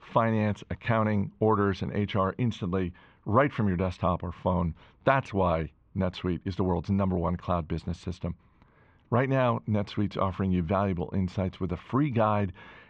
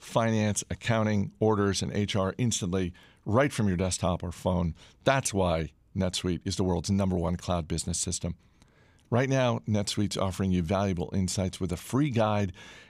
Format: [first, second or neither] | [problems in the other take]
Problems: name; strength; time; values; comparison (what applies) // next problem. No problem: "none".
second | muffled; very; fading above 2.5 kHz